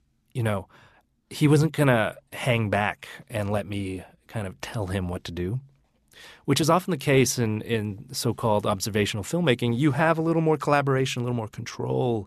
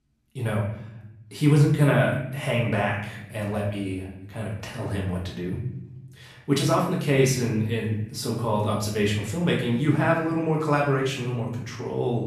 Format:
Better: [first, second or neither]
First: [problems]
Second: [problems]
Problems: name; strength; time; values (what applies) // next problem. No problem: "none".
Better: first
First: none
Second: room echo; noticeable; dies away in 0.7 s // off-mic speech; far